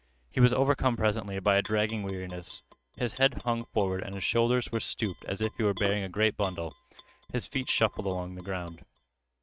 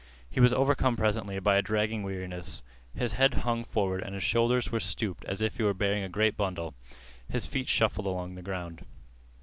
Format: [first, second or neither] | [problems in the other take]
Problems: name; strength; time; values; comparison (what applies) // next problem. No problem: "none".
second | noise reduction (neural mask model RNNoise)